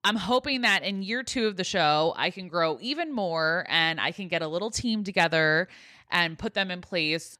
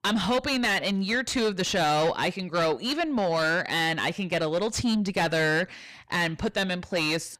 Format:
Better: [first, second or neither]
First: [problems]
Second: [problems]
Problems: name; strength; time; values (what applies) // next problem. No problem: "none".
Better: first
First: none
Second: distortion; heavy; 6 dB below the speech